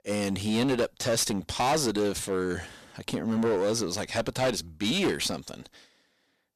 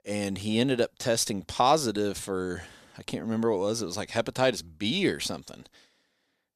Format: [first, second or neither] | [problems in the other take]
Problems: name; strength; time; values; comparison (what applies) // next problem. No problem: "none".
second | distortion; heavy; 10% of the sound clipped